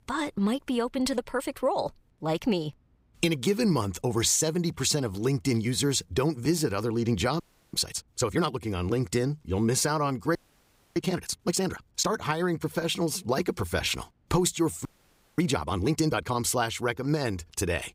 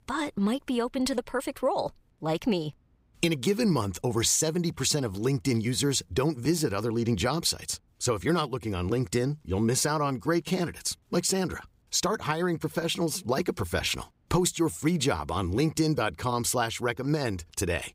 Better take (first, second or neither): second